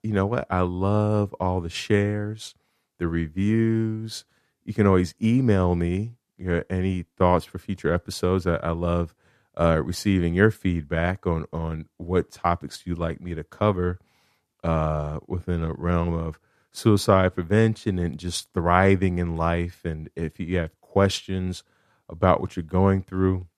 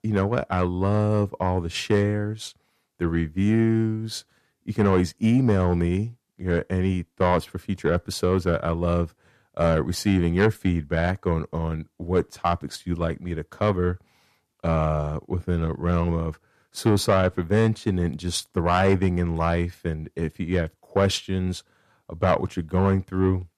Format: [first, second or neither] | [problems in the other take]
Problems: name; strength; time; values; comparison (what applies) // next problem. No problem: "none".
first | distortion; slight; 10 dB below the speech